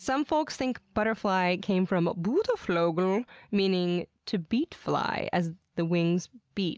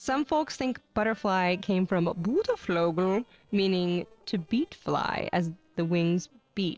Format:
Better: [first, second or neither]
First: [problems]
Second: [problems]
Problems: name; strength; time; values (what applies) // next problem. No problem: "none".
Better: first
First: none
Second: noise reduction (neural separator model SepFormer DNS4)